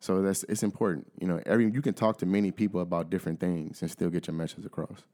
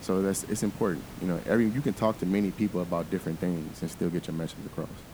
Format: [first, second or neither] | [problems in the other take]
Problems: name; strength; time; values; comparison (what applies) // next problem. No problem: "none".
first | hiss; noticeable; throughout; 15 dB below the speech